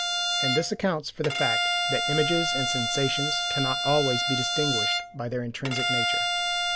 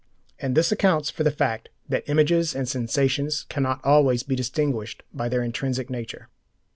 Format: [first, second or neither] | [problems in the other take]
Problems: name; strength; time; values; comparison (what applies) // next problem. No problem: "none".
second | background sound (Bowed string instrument); 2 dB above the speech